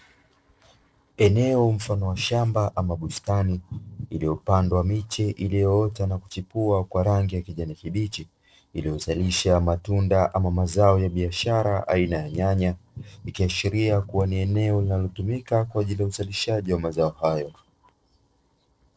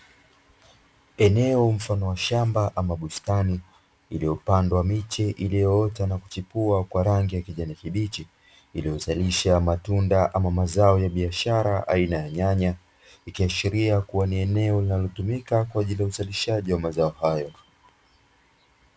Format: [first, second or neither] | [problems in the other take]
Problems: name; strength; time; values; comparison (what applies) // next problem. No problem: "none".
second | noise reduction (neural separator model SepFormer DNS4)